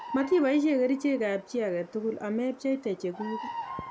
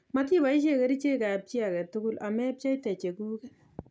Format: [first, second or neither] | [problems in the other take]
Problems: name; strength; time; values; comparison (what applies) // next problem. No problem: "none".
second | background sound (Bird vocalization, bird call, bird song); 14 dB below the speech